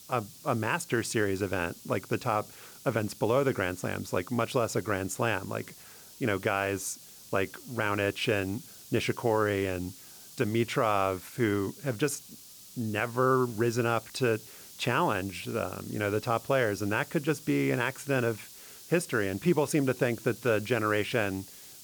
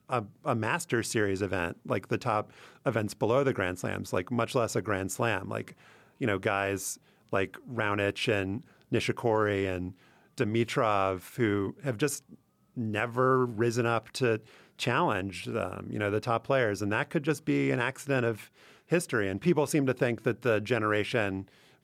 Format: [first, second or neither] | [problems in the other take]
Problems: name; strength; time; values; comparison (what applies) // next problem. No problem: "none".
second | hiss; noticeable; throughout; 15 dB below the speech